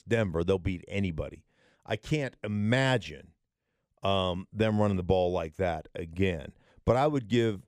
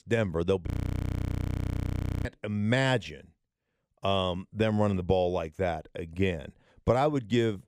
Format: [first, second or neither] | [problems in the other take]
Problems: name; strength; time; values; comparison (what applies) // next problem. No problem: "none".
first | audio freezing; at 0.5 s for 1.5 s